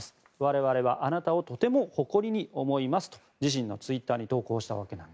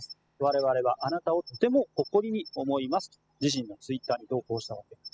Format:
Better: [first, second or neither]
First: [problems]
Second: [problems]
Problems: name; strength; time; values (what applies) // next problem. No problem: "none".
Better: first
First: none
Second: noise reduction (classical method spectral subtraction)